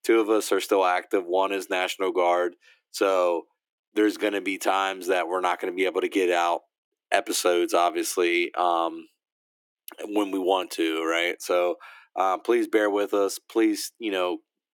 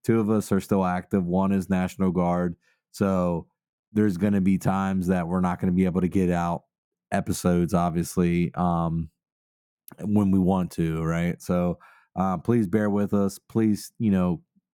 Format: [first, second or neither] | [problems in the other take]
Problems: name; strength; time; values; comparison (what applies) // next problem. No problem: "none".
second | thin; very; fading below 300 Hz